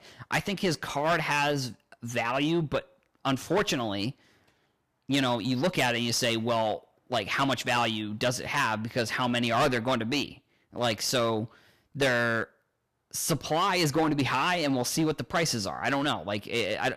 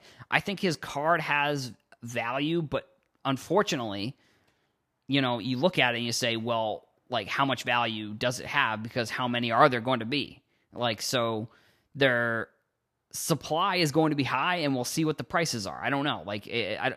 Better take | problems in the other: second | distortion; heavy; 8% of the sound clipped

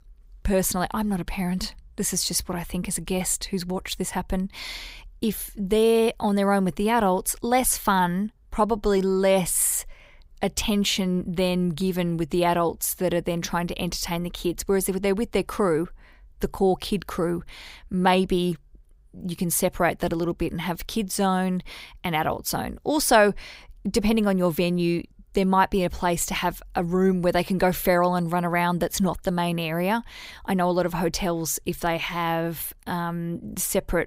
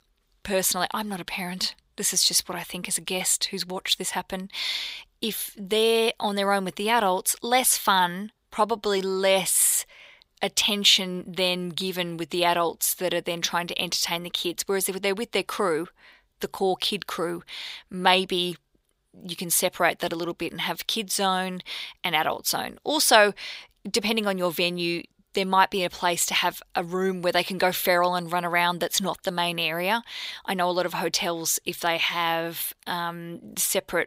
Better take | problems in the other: first | thin; somewhat; fading below 1 kHz

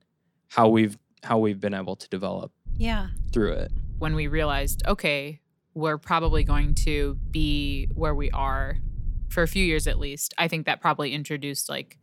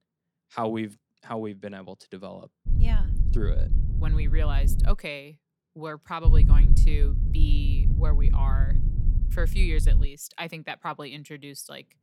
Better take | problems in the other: first | low rumble; loud; from 2.5 to 5 s and from 6.5 to 10 s; 7 dB below the speech; faint in the first

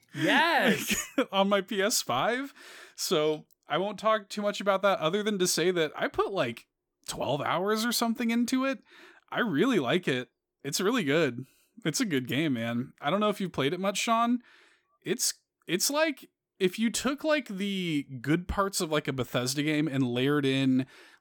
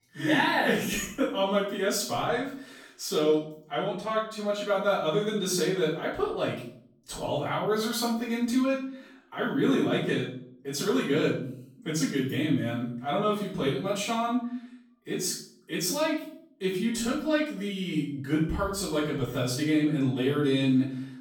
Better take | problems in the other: first | off-mic speech; far // room echo; noticeable; dies away in 0.5 s

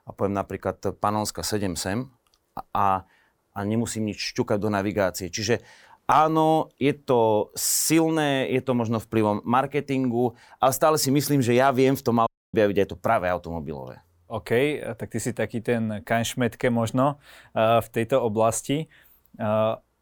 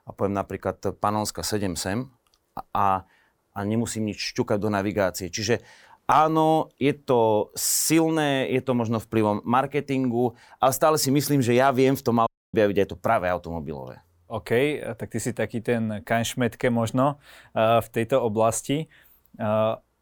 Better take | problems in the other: neither | audio cutting out; at 12 s; the same in both

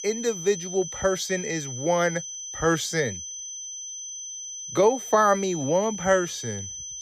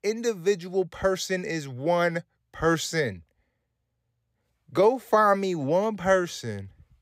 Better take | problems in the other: second | high-pitched whine; loud; throughout; 6 kHz, 9 dB below the speech

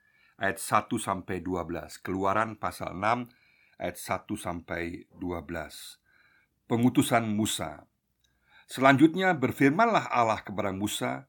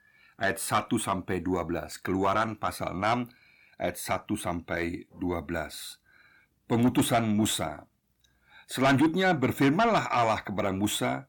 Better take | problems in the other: first | distortion; heavy; 8 dB below the speech

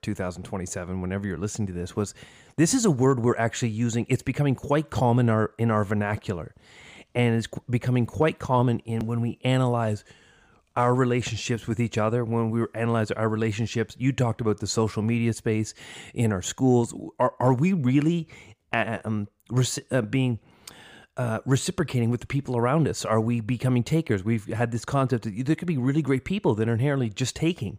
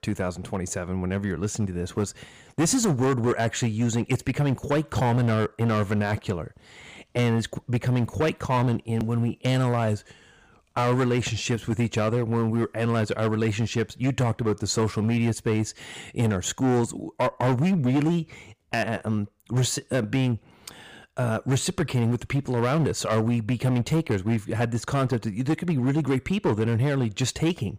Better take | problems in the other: first | distortion; slight; 10% of the sound clipped

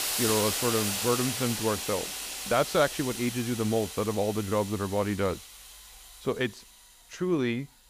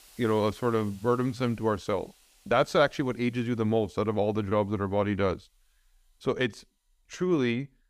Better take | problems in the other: second | hiss; loud; throughout; 3 dB below the speech; faint in the second

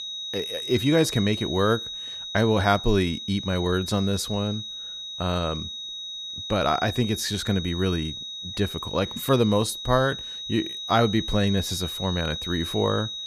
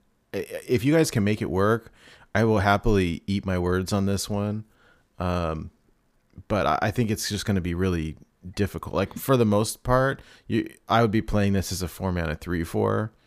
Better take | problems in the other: second | high-pitched whine; loud; throughout; 4 kHz, 7 dB below the speech

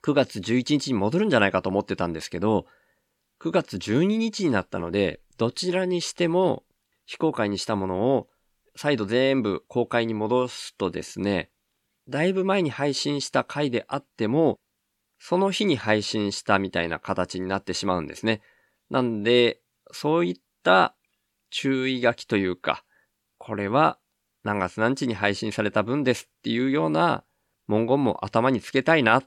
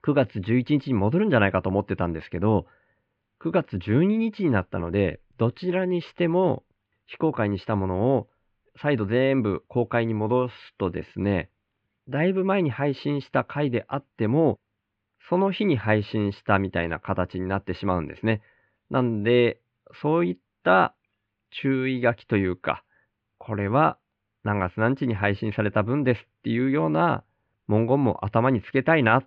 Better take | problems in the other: first | muffled; very; fading above 3 kHz

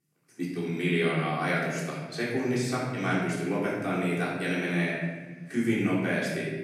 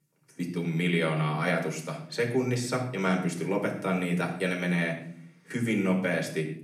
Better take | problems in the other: second | room echo; strong; dies away in 1.4 s; slight in the second // off-mic speech; far; somewhat distant in the second

